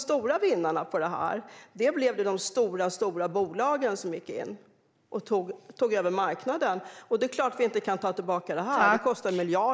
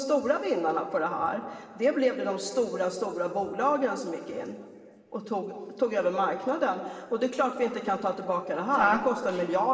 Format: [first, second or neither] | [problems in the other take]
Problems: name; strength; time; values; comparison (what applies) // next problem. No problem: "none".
first | room echo; dies away in 2 s